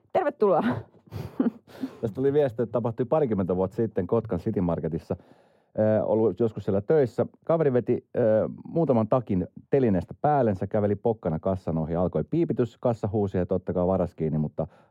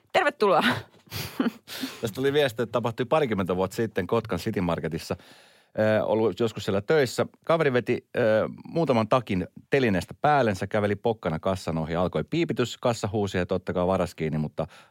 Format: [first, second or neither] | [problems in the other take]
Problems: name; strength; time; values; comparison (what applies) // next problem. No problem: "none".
second | muffled; very; fading above 1.5 kHz